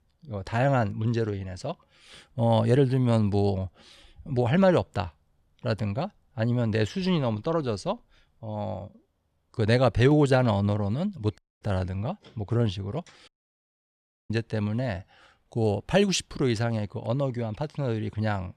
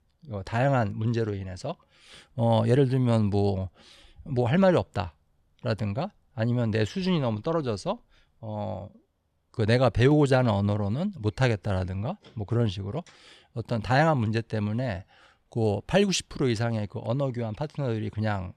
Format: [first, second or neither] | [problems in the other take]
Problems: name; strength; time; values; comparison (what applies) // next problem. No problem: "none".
second | audio cutting out; at 11 s and at 13 s for 1 s